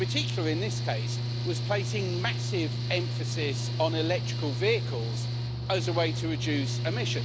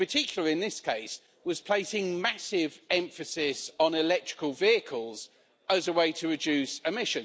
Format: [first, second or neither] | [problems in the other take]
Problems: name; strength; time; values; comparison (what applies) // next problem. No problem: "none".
second | background sound (Mechanical fan / Engine); 1 dB above the speech